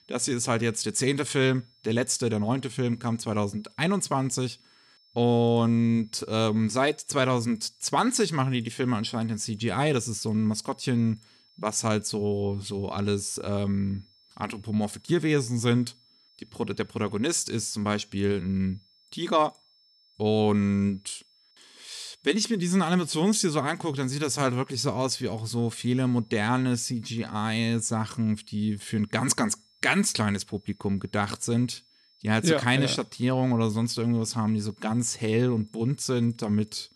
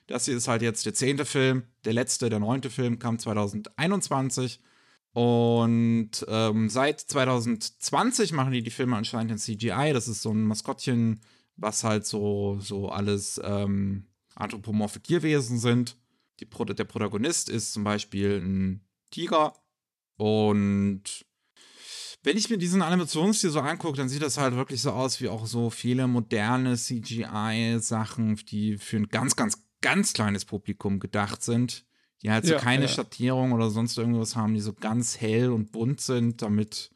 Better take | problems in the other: second | high-pitched whine; faint; throughout; 5.5 kHz, 30 dB below the speech

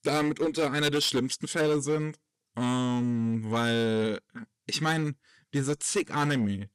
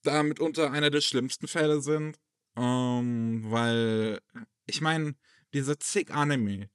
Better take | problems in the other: second | distortion; slight; 8% of the sound clipped

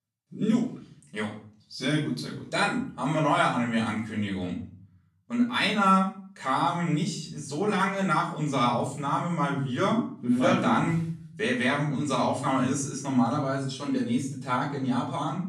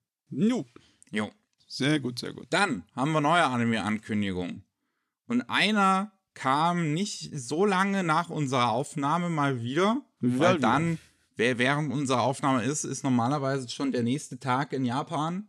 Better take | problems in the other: second | off-mic speech; far // room echo; slight; dies away in 0.5 s

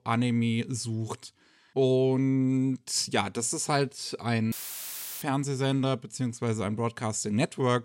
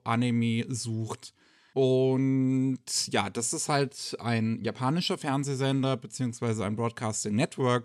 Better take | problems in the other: second | audio cutting out; filled with static; at 4.5 s for 0.5 s

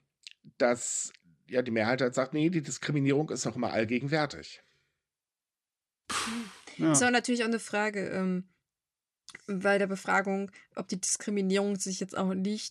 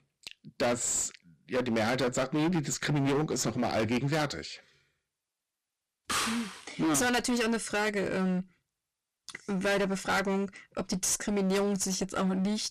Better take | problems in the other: first | distortion; heavy; 17% of the sound clipped

